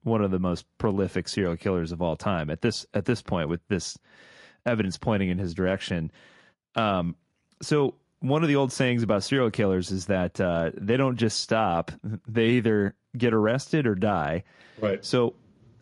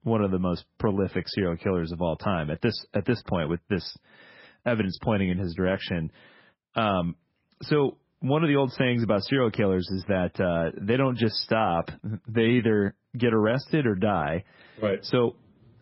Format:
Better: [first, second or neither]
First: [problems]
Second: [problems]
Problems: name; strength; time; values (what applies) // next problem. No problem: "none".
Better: first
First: garbled, watery; slightly; nothing above 11 kHz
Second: garbled, watery; badly; nothing above 5.5 kHz